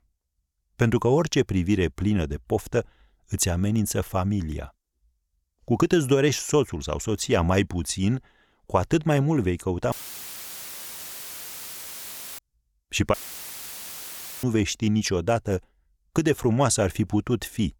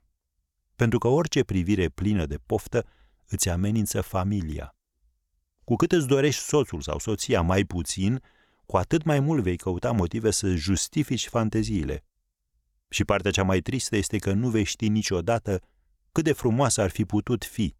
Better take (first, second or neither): second